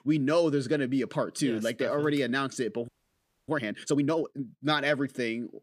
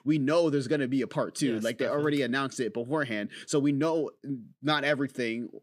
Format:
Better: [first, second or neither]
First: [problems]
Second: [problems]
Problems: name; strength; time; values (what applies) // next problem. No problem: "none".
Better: second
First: audio freezing; at 3 s for 0.5 s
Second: none